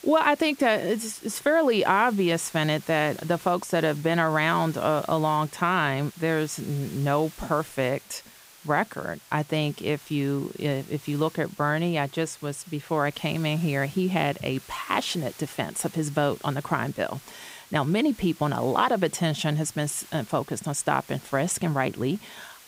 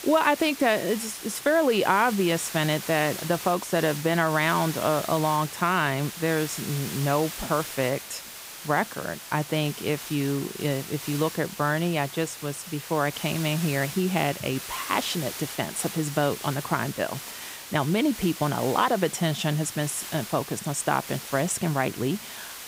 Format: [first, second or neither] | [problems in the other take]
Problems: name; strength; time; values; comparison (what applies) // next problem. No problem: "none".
first | hiss; loud; throughout; 10 dB below the speech; faint in the first